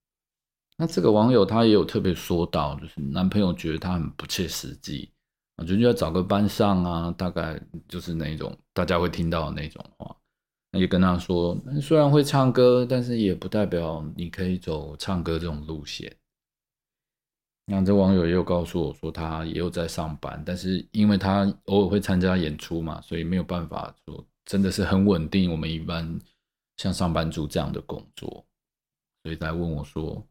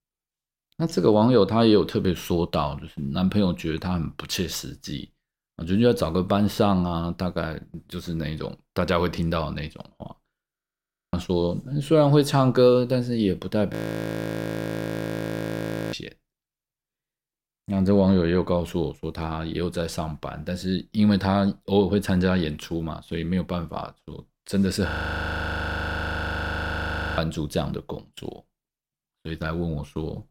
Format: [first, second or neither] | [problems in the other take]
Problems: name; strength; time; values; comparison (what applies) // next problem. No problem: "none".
first | audio freezing; at 11 s for 0.5 s, at 14 s for 2 s and at 25 s for 2.5 s